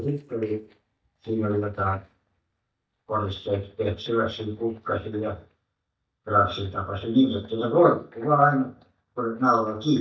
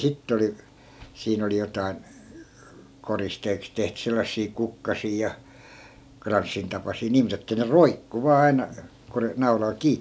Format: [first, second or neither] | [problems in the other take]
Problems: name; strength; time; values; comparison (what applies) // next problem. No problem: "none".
second | noise reduction (neural mask model DeepFilterNet 3)